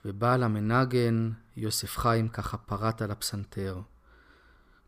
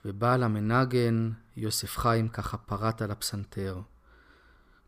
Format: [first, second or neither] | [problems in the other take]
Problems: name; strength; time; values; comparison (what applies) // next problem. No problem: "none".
neither | none